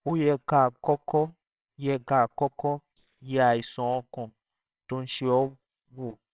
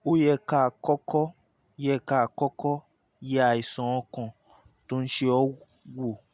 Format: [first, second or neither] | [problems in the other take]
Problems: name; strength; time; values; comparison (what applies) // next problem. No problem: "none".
second | noise reduction (neural separator model SepFormer WHAMR!)